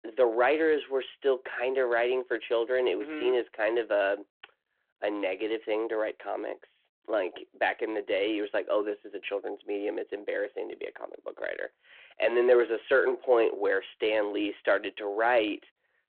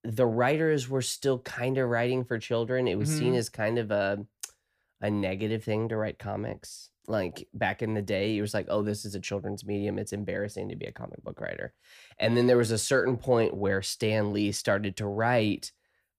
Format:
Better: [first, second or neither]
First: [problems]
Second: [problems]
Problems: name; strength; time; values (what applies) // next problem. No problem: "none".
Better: second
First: phone-call audio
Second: none